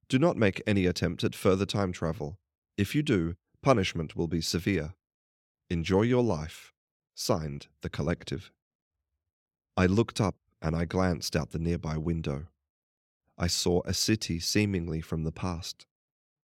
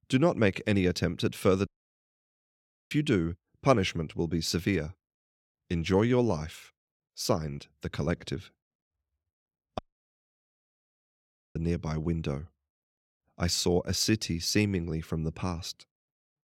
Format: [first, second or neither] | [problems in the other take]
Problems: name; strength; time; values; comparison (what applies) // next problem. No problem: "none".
first | audio cutting out; at 1.5 s for 1 s and at 10 s for 2 s